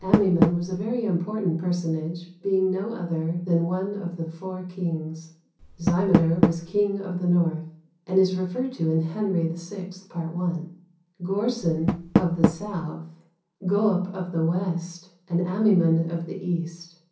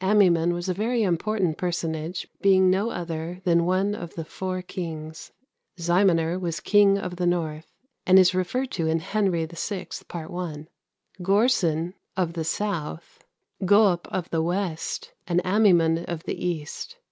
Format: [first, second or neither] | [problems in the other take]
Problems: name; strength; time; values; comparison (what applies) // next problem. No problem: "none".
second | background sound (Door); 6 dB below the speech // room echo; dies away in 0.6 s